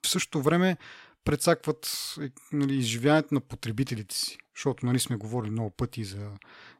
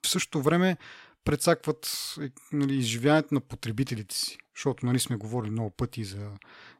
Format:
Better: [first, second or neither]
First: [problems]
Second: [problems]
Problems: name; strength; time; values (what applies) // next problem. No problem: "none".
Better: neither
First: none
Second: none